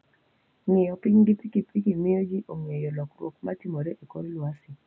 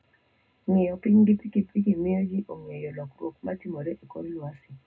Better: first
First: none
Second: room echo; dies away in 0.2 s

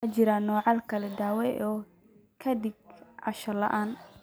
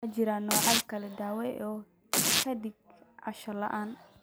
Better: first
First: none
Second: background sound (Domestic sounds, home sounds); 3 dB above the speech

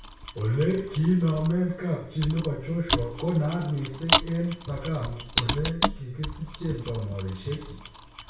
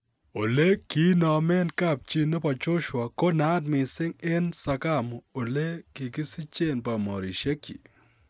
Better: second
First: background sound (Mechanisms); 4 dB below the speech // room echo; dies away in 0.6 s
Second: none

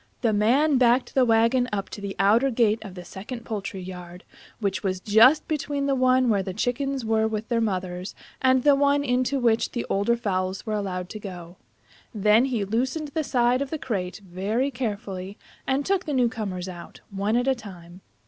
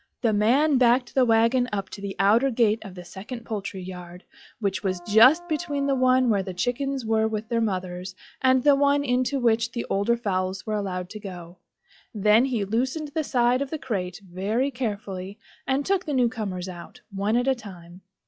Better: first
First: none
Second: noise reduction (classical method log-MMSE)

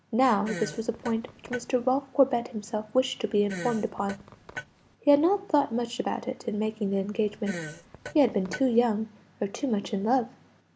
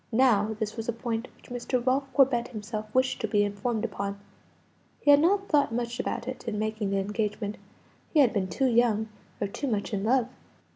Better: second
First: background sound (Fart); 13 dB below the speech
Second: none

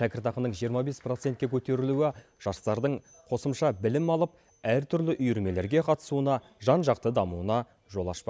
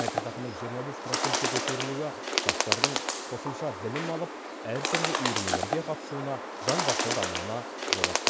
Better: first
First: none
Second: background sound (Bird); 5 dB above the speech

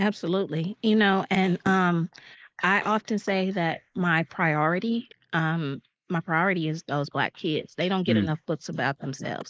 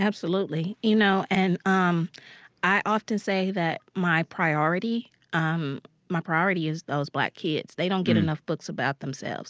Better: second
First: noise reduction (neural mask model Resemble Enhance denoiser)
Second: none

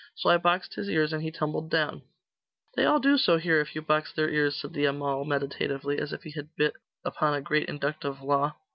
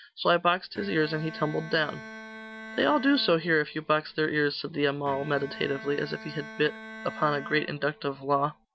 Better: first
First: none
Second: background sound (Bowed string instrument); 15 dB below the speech

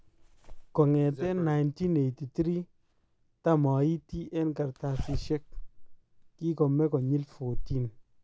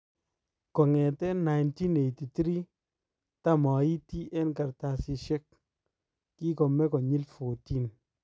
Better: second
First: background sound (Zipper (clothing)); 11 dB below the speech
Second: none

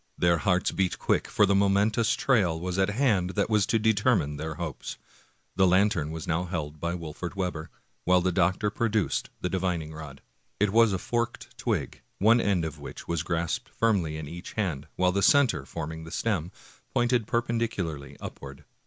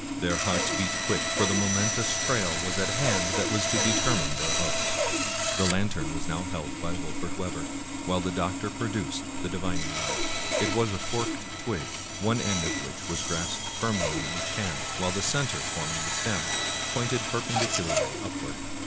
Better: first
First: none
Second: background sound (Sawing); 2 dB above the speech

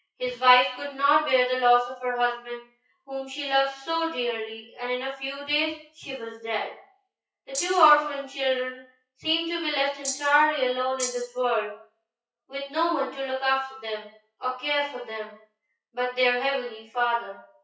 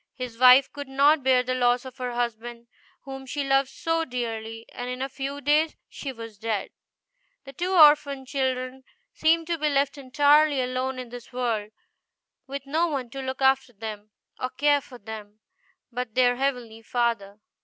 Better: second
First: noise reduction (classical method WPE with log-MMSE)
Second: none

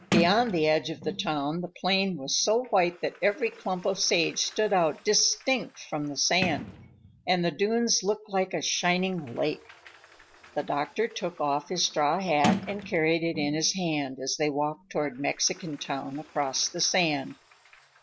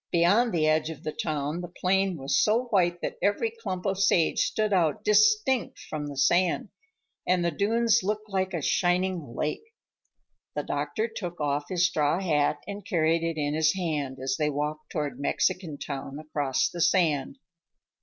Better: second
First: background sound (Sliding door); 12 dB below the speech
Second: none

